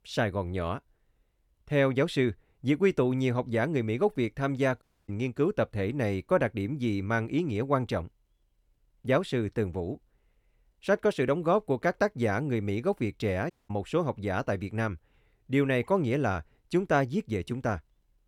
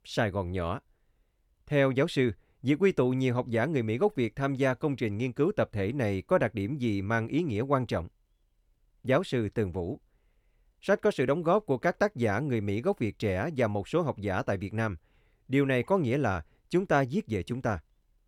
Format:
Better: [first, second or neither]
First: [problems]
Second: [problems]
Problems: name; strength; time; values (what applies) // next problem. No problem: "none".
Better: second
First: audio cutting out; at 5 s and at 14 s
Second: none